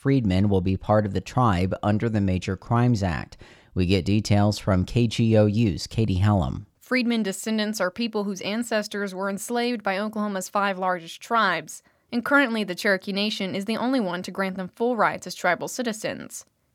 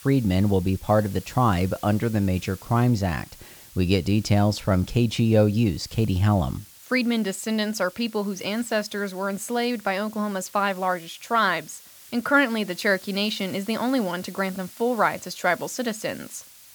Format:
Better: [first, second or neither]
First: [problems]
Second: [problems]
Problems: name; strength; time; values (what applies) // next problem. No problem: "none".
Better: first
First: none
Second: hiss; faint; throughout; 20 dB below the speech